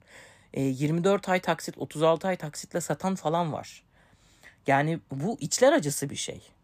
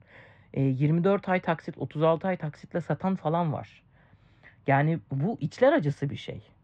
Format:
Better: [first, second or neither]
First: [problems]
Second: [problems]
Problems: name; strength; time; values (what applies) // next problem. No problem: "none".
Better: first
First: none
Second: muffled; very; fading above 3 kHz